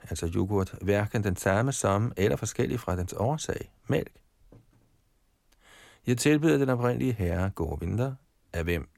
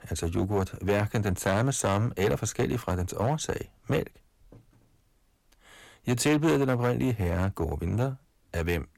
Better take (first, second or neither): first